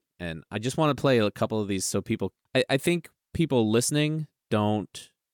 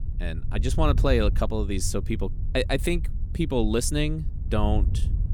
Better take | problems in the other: first | wind noise on the microphone; occasional gusts; 15 dB below the speech

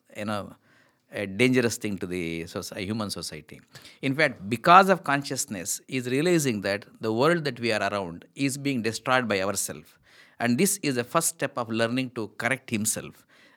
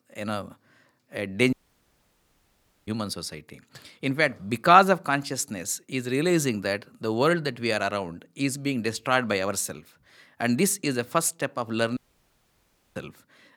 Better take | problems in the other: first | audio cutting out; at 1.5 s for 1.5 s and at 12 s for 1 s

